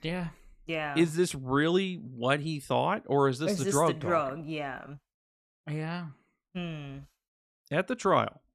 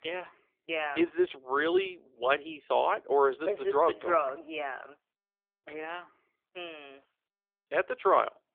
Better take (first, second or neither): first